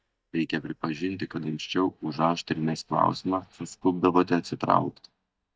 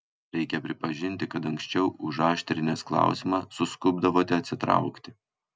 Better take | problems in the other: second | noise reduction (neural mask model DeepFilterNet 3)

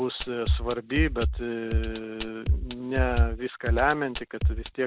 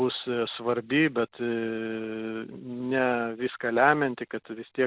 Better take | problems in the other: second | background sound (Drum kit); 2 dB above the speech

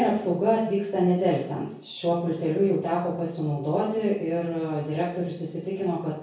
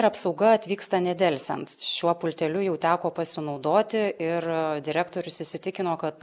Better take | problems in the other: second | room echo; dies away in 0.6 s

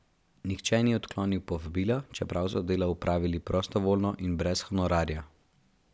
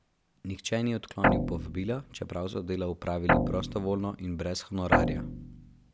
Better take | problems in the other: first | background sound (Guitar); 4 dB above the speech

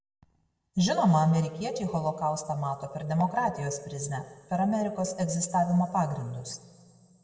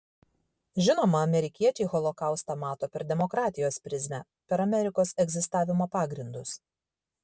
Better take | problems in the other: second | room echo; dies away in 1.5 s

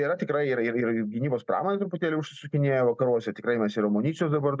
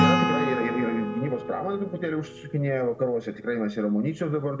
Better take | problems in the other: first | background sound (Acoustic guitar / Strum); 2 dB below the speech // room echo; dies away in 0.5 s

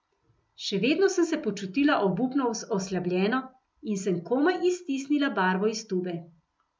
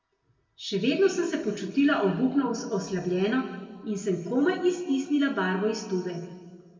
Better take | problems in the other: first | room echo; dies away in 1.7 s

